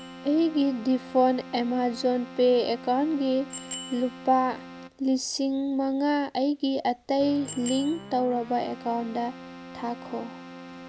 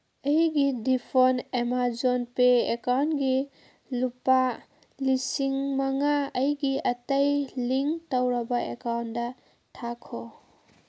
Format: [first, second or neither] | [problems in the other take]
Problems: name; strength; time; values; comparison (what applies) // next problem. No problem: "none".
second | background sound (Keyboard (musical) + Bicycle bell); 15 dB below the speech